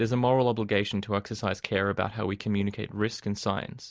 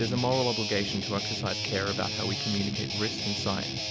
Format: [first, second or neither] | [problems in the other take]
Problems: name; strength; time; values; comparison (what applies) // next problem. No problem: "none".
first | background sound (Guitar); 1 dB below the speech